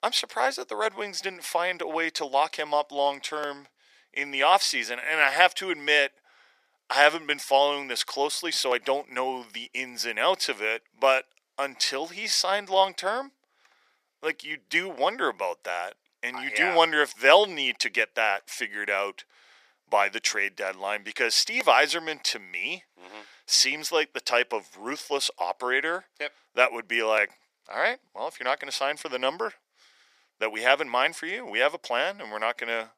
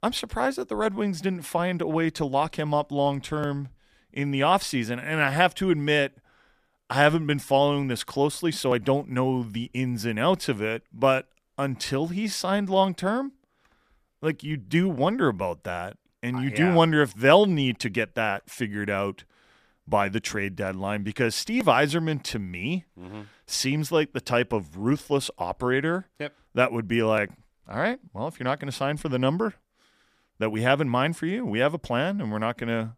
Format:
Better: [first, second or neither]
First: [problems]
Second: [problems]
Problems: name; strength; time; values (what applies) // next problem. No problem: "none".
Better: second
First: thin; very; fading below 450 Hz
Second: none